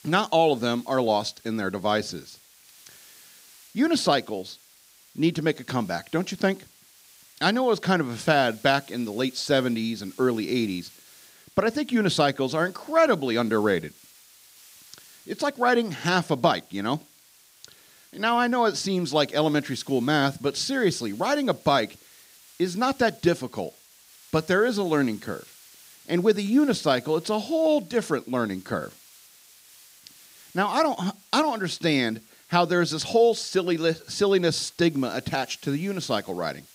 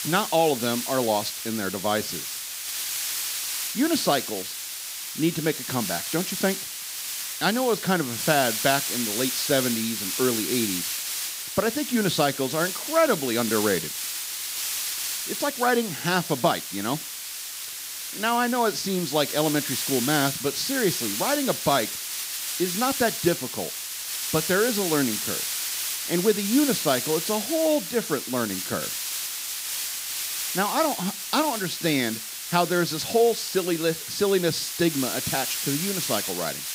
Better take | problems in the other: first | hiss; loud; throughout; 3 dB below the speech; faint in the first

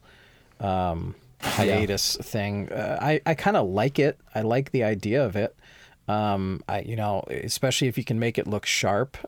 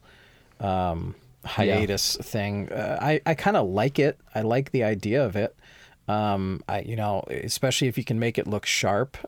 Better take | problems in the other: second | footsteps; noticeable; at 1.5 s; peak 5 dB below the speech

